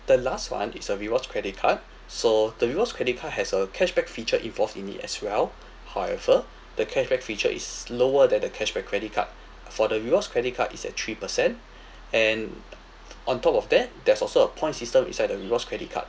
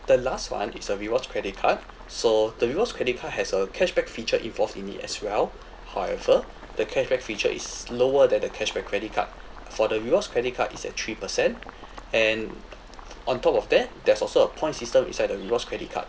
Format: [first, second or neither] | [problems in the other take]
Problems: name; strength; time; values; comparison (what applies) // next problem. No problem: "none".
first | background sound (Boiling); 20 dB below the speech